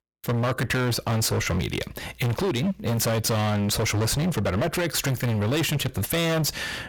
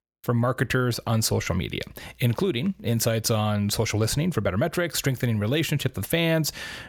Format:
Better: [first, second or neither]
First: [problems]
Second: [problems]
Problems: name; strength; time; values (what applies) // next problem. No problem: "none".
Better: second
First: distortion; heavy; 30% of the sound clipped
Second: none